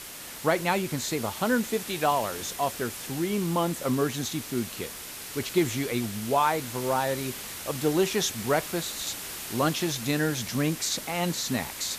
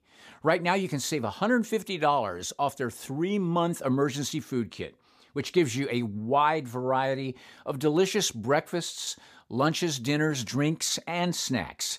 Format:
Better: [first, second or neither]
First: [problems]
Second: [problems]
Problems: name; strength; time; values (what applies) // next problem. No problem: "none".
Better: second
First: hiss; loud; throughout; 8 dB below the speech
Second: none